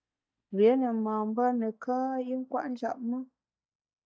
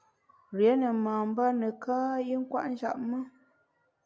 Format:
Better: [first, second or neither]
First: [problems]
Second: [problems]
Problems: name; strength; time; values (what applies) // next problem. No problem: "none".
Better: second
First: noise reduction (neural mask model DeepFilterNet 3)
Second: none